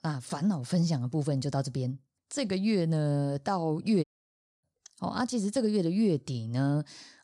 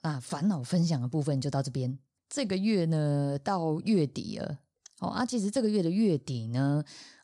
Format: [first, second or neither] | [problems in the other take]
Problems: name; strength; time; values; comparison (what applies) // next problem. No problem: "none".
second | audio cutting out; at 4 s for 0.5 s